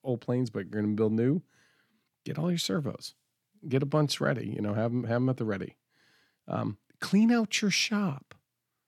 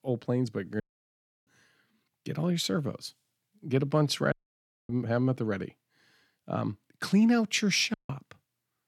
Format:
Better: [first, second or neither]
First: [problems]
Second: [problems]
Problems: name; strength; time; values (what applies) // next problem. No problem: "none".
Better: first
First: none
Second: audio cutting out; at 1 s for 0.5 s, at 4.5 s for 0.5 s and at 8 s